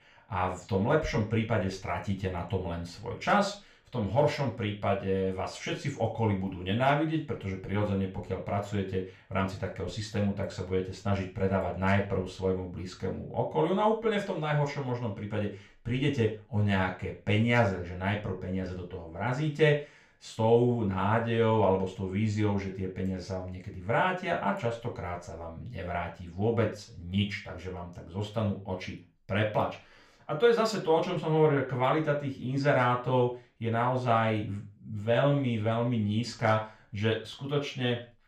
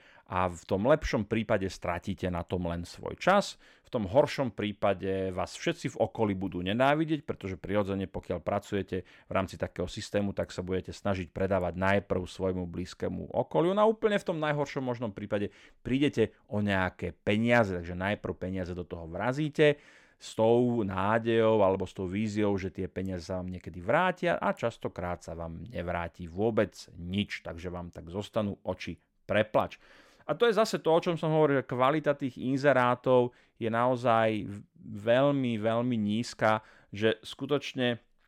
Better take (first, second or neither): second